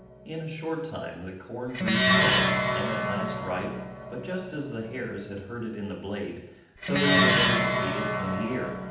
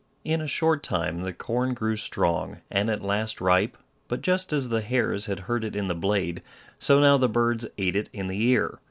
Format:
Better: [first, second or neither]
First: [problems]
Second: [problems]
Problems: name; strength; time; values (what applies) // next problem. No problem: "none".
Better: second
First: background sound (Plucked string instrument); 5 dB above the speech // room echo; dies away in 0.8 s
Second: none